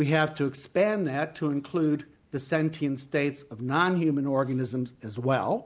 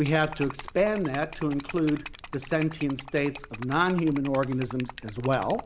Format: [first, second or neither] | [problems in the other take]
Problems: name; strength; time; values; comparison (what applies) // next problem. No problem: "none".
first | background sound (Liquid); 14 dB below the speech